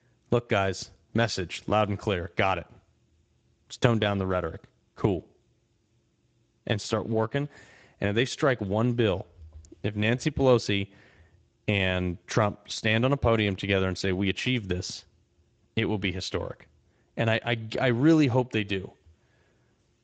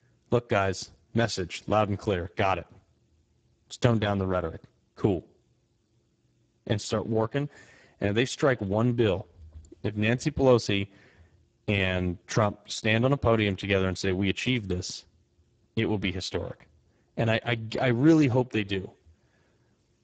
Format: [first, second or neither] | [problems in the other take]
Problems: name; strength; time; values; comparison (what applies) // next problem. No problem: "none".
first | garbled, watery; badly; nothing above 7.5 kHz; slightly in the first